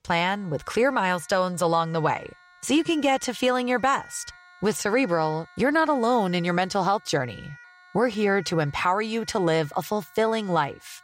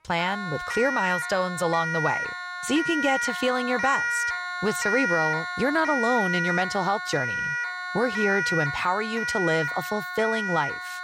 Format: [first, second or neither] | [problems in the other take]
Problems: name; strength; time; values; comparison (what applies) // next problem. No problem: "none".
first | alarms or sirens; loud; throughout; 1 dB below the speech; faint in the first